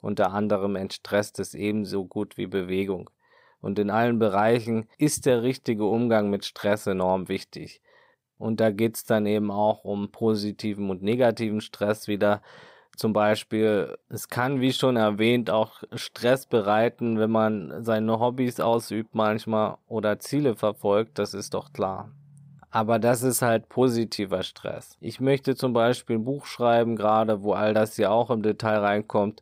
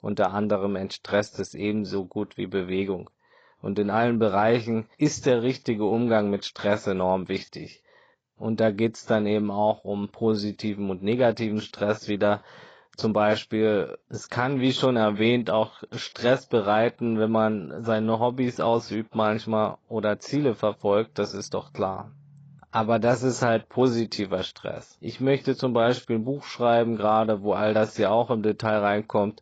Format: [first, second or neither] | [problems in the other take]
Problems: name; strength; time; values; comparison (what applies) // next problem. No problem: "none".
first | garbled, watery; badly; nothing above 7.5 kHz